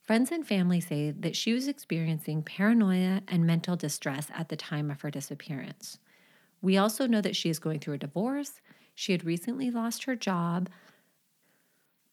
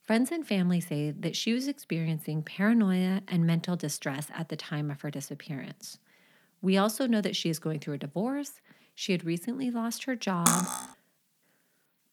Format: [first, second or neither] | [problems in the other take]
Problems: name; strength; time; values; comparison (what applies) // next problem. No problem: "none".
first | clattering dishes; loud; at 10 s; peak 5 dB above the speech